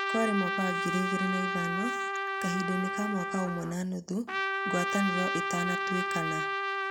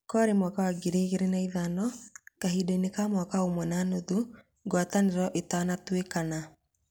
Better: second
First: background sound (Trumpet); 1 dB above the speech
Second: none

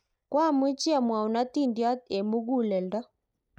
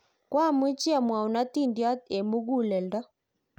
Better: second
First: noise reduction (neural mask model DeepFilterNet 3)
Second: none

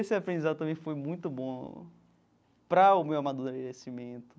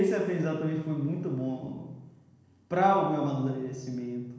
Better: first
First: none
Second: room echo; dies away in 1.1 s

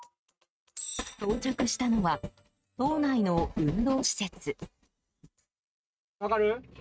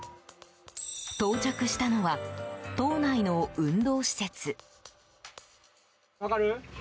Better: second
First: noise reduction (neural mask model RNNoise)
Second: none

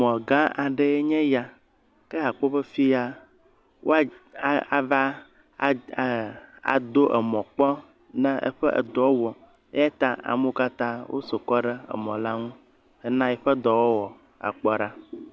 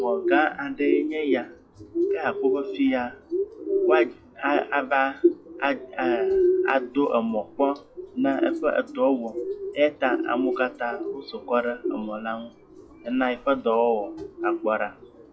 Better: first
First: none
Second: noise reduction (classical method WPE with log-MMSE)

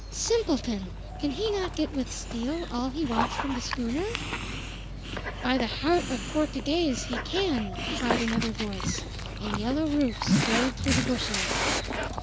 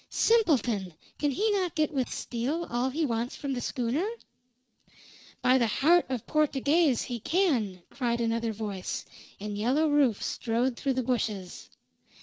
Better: second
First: background sound (Dog); 2 dB below the speech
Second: none

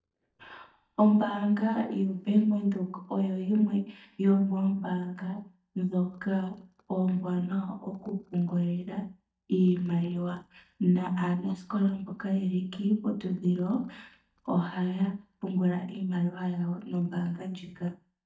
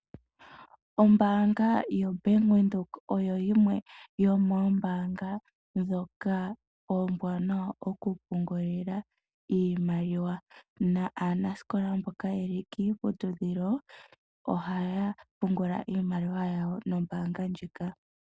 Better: second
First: noise reduction (neural mask model DeepFilterNet 3)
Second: none

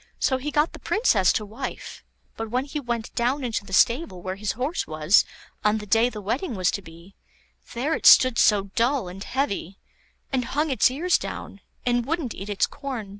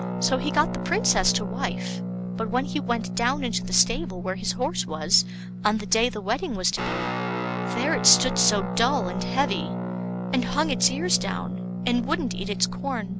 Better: first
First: none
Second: background sound (Guitar); 4 dB below the speech

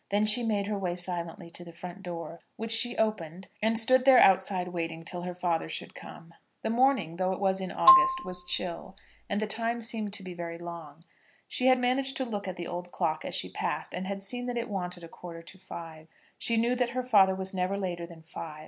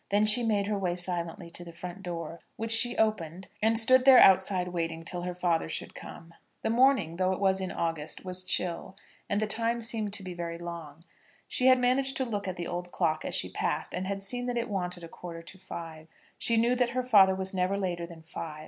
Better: second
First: background sound (Marimba, xylophone); 4 dB above the speech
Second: none

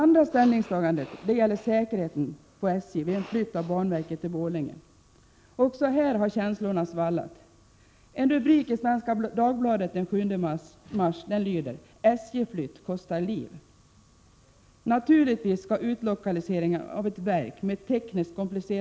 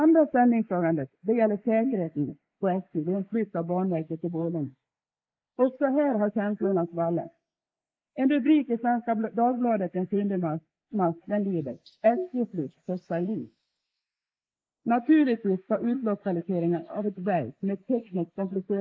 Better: first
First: none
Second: noise reduction (neural mask model Resemble Enhance denoiser)

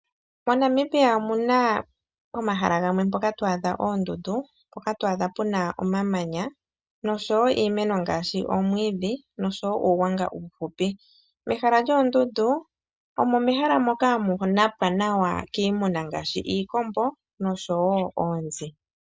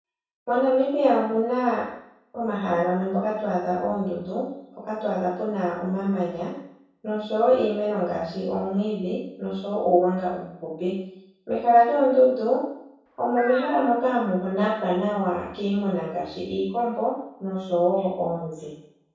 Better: first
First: none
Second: background sound (Crow); 16 dB below the speech // room echo; dies away in 0.7 s

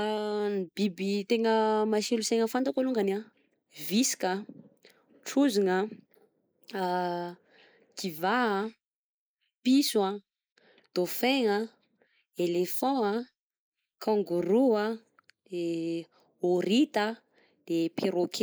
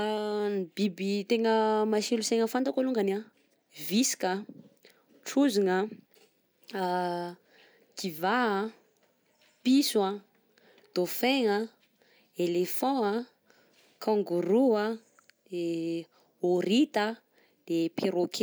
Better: second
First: noise reduction (neural mask model Resemble Enhance denoiser)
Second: none

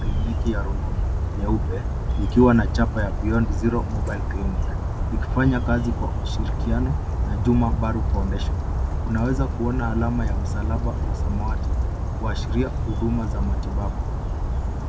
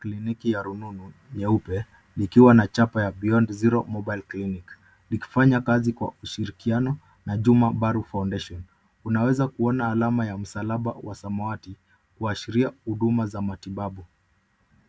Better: second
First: background sound (Bird vocalization, bird call, bird song); 3 dB above the speech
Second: none

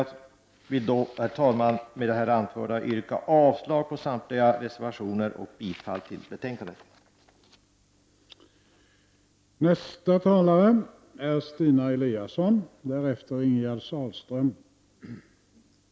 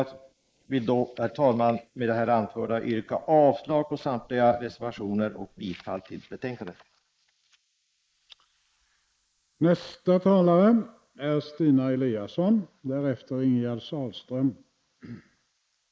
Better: first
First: none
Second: noise reduction (neural mask model Resemble Enhance denoiser)

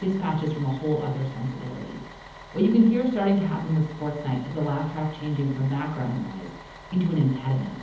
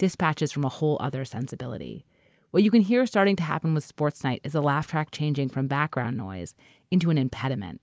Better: second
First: background sound (Bus); 18 dB below the speech // room echo; dies away in 1.3 s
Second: none

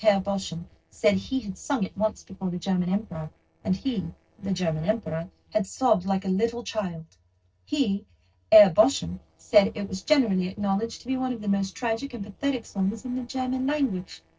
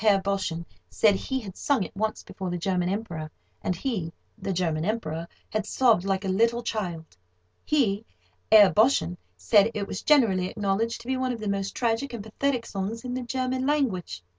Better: second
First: noise reduction (neural separator model SepFormer DNS4)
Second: none

